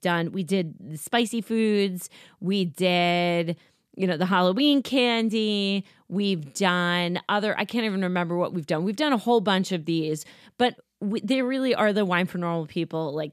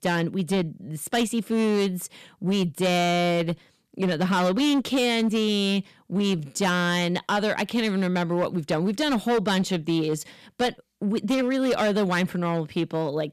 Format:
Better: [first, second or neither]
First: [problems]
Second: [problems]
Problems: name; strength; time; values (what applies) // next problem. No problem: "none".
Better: first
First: none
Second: distortion; slight; 12% of the sound clipped